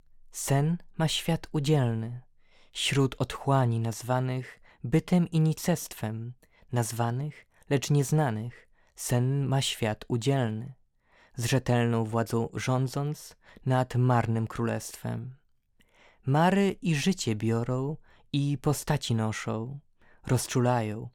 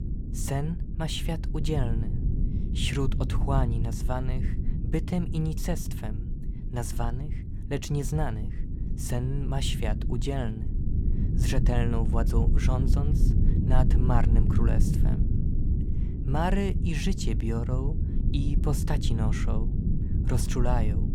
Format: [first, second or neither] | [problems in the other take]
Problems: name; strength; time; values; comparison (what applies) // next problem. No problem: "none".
first | low rumble; loud; throughout; 7 dB below the speech